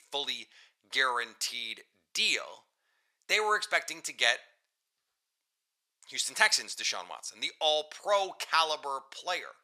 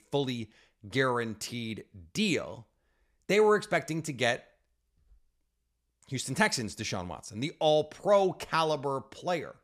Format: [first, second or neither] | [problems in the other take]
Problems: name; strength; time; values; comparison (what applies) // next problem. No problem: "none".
second | thin; very; fading below 950 Hz